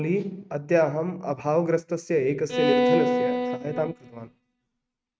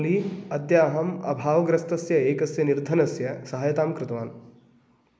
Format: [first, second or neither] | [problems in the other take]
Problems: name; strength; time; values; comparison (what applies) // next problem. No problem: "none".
second | noise reduction (neural mask model RNNoise)